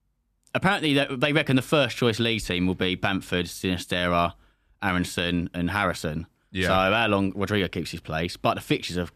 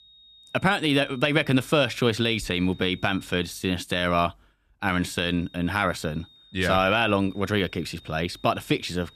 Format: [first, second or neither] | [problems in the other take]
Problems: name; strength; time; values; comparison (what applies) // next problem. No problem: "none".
first | high-pitched whine; faint; until 3.5 s and from 5 s on; 3.5 kHz, 25 dB below the speech